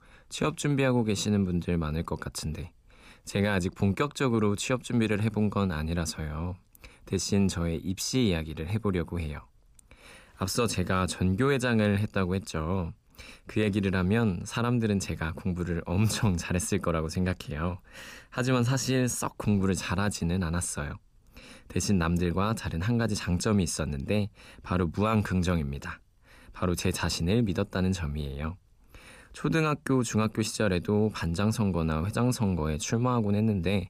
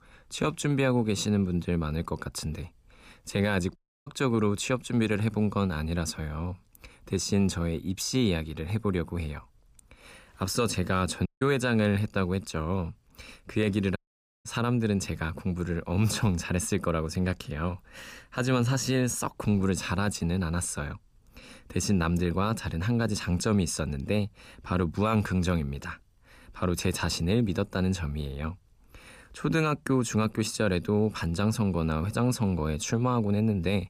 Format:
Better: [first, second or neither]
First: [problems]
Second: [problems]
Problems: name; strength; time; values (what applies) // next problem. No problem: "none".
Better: first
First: none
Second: audio cutting out; at 4 s, at 11 s and at 14 s